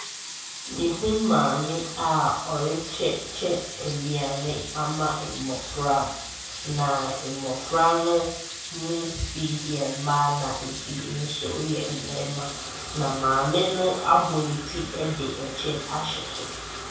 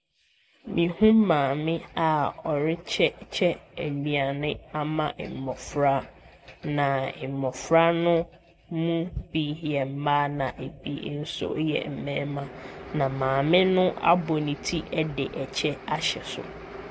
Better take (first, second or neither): second